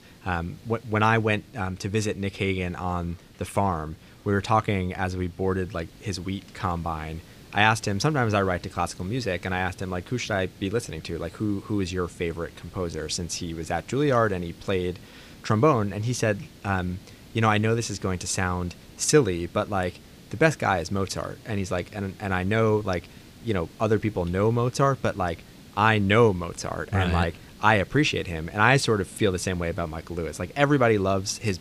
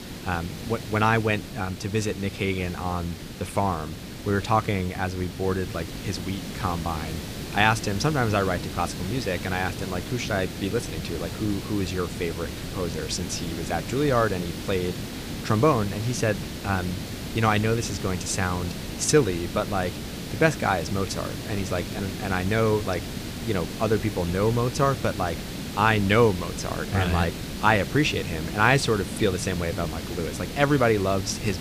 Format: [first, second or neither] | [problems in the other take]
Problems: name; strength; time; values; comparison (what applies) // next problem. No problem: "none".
first | hiss; loud; throughout; 8 dB below the speech; faint in the first